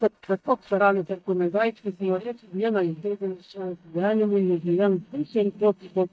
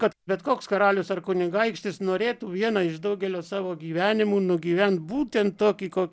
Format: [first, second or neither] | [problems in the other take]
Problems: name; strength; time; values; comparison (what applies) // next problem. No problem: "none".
second | noise reduction (neural mask model DeepFilterNet 3)